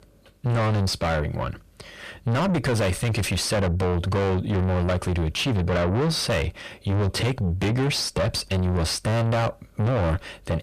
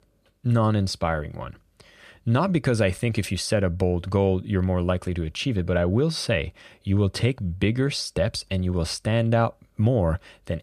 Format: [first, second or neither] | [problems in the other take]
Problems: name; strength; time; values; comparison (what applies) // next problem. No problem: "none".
second | distortion; heavy; 5 dB below the speech